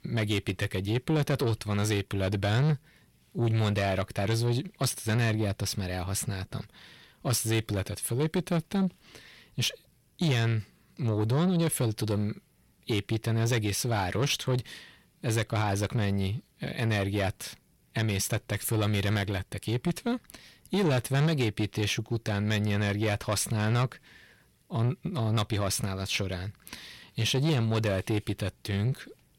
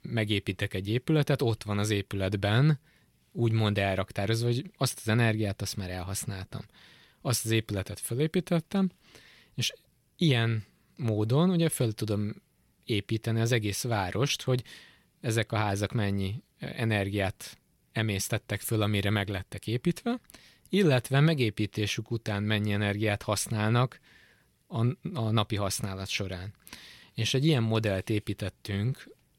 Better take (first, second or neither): second